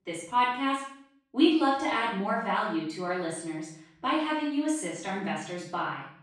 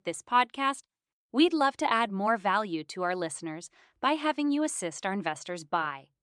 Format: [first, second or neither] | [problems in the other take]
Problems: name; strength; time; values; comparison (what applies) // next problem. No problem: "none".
second | off-mic speech; far // room echo; noticeable; dies away in 0.7 s